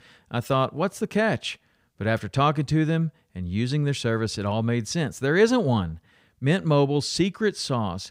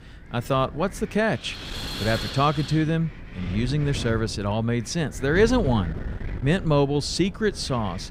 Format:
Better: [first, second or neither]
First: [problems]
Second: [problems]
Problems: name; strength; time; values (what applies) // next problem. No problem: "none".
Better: first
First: none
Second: wind noise on the microphone; occasional gusts; 10 dB below the speech